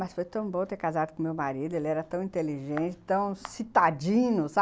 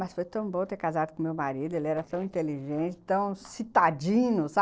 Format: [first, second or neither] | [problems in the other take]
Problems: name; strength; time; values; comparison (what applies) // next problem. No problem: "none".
first | noise reduction (neural separator model SepFormer DNS4)